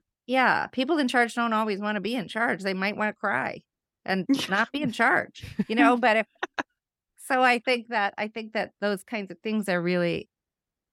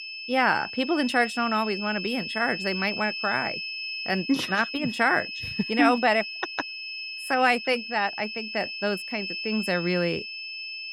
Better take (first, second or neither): first